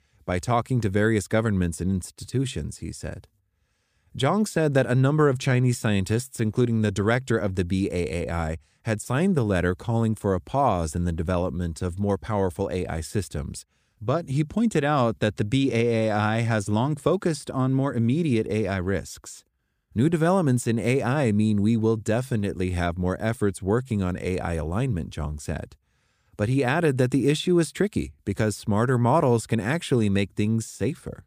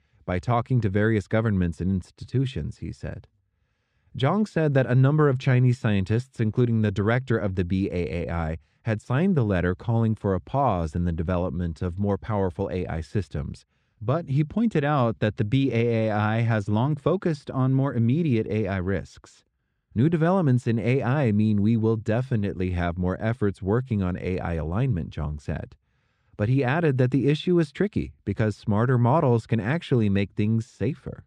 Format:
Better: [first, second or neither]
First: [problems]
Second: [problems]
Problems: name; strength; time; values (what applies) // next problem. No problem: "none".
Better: first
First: none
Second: muffled; slightly; fading above 3.5 kHz